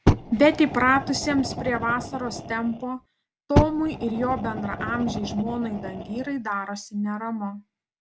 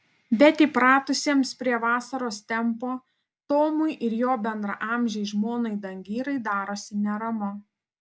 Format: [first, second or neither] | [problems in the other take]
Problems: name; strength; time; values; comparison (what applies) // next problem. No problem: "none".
second | background sound (Fire); 3 dB below the speech